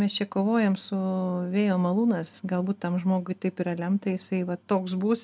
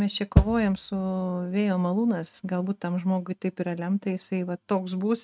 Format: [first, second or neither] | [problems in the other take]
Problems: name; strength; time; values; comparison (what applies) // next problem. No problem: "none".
first | noise reduction (neural mask model RNNoise)